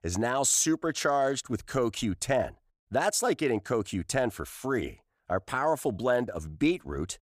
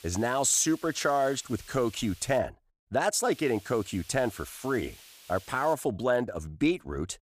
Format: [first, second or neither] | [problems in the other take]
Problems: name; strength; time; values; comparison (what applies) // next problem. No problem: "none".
first | hiss; faint; until 2.5 s and from 3.5 to 5.5 s; 20 dB below the speech